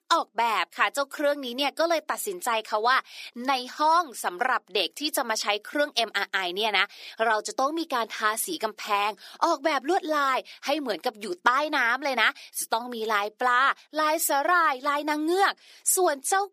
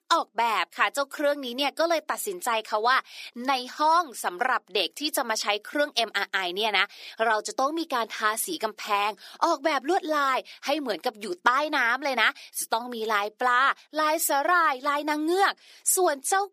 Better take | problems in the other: neither | thin; somewhat; fading below 350 Hz; the same in both

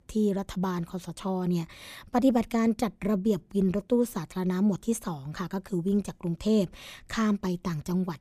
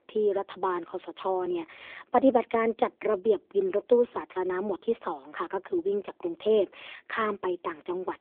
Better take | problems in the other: first | phone-call audio

